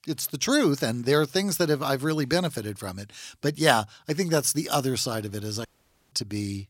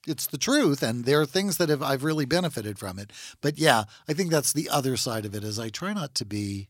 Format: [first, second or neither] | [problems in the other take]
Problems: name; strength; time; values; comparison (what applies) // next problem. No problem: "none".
second | audio cutting out; at 5.5 s